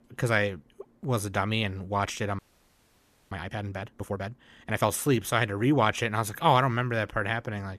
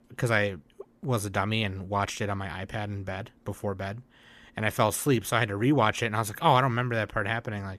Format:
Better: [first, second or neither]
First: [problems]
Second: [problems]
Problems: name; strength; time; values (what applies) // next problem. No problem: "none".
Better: second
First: audio freezing; at 2.5 s for 1 s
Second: none